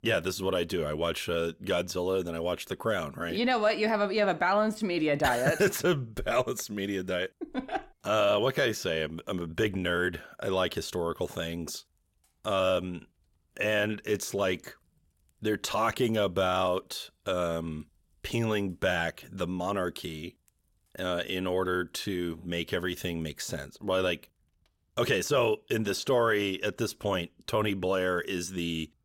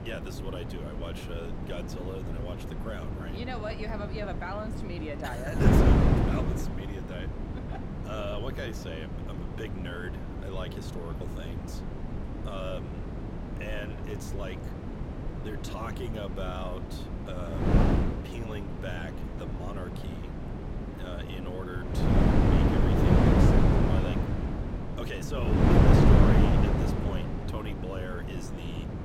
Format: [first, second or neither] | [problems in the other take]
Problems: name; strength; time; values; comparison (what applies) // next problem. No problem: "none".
first | wind noise on the microphone; heavy; 5 dB above the speech